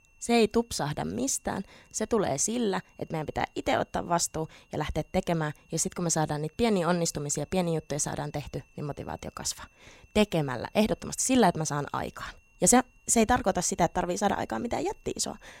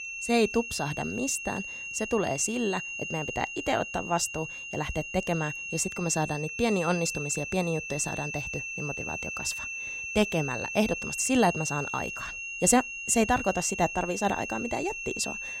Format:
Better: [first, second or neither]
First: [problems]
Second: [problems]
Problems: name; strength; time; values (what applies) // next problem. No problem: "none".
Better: first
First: high-pitched whine; faint; throughout; 2.5 kHz, 35 dB below the speech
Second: high-pitched whine; loud; throughout; 2.5 kHz, 5 dB below the speech